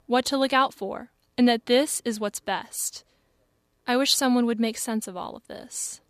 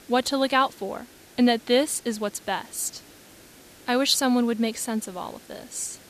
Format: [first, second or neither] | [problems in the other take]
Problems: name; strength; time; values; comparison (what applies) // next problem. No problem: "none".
first | hiss; faint; throughout; 25 dB below the speech